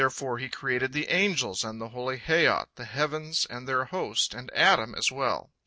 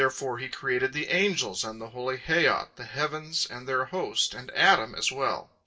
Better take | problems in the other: first | room echo; dies away in 0.2 s

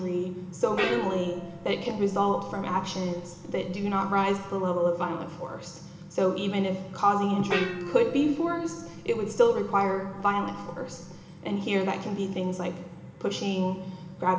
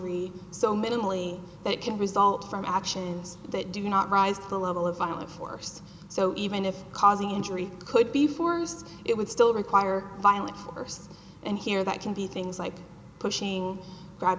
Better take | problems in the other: second | background sound (Gong); 10 dB below the speech // room echo; dies away in 1.1 s

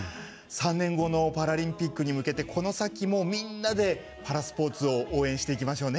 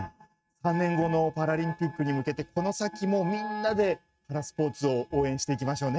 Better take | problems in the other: first | noise reduction (neural mask model RNNoise)

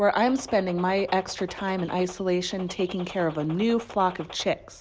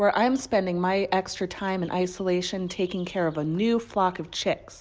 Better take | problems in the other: second | background sound (Gunshot, gunfire); 18 dB below the speech

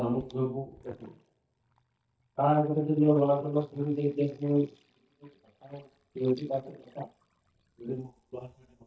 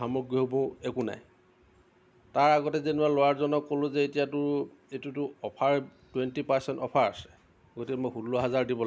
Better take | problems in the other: second | noise reduction (neural mask model DeepFilterNet 3)

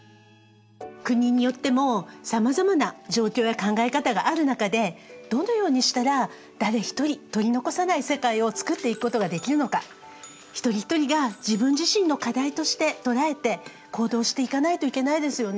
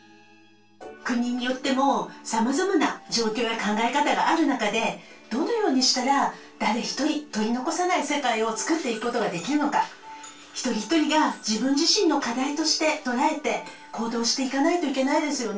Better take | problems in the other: first | room echo; dies away in 0.2 s

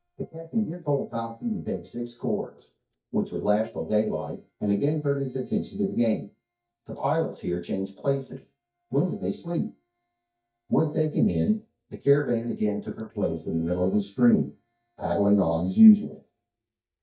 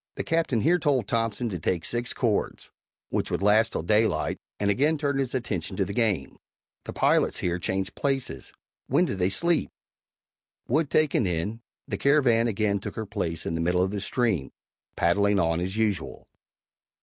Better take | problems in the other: second | noise reduction (neural mask model DeepFilterNet 3)

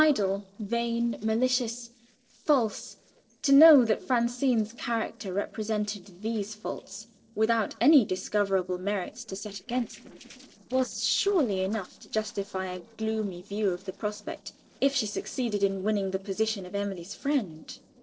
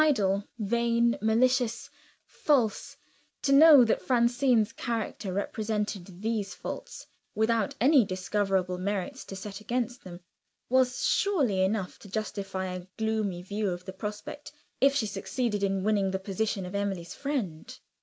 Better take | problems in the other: second | noise reduction (neural separator model SepFormer DNS4)

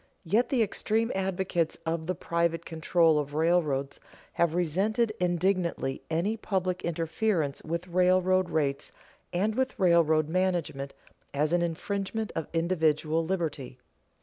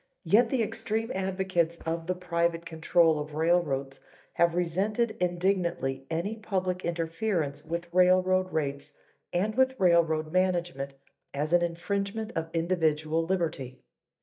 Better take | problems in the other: first | noise reduction (neural mask model DeepFilterNet 3)

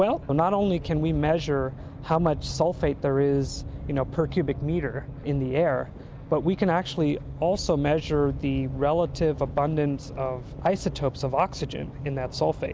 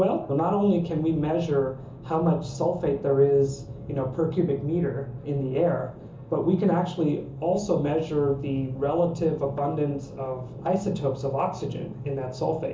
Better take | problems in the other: first | room echo; dies away in 0.8 s

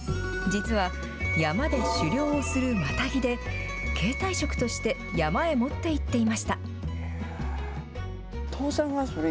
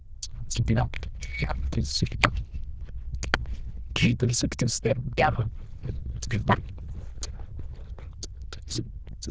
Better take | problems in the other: first | noise reduction (neural diffusion model UNIVERSE++)

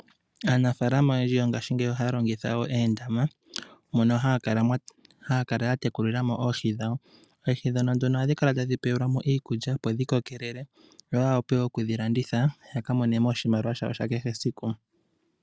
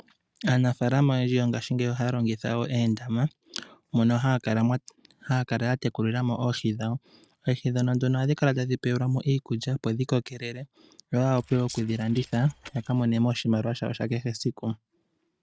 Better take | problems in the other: first | noise reduction (neural mask model RNNoise)

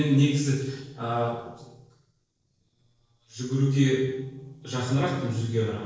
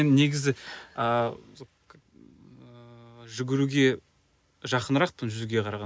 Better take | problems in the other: second | noise reduction (neural separator model SepFormer DNS4)

